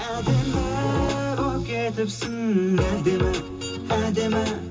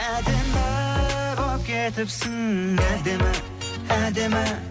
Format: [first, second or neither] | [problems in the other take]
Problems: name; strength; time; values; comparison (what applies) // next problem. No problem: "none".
second | background sound (Wood); 13 dB below the speech // room echo; dies away in 0.2 s